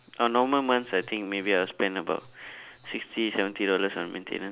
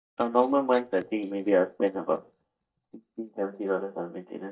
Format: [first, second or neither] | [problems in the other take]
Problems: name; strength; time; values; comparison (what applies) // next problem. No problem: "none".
first | noise reduction (neural mask model DeepFilterNet 3)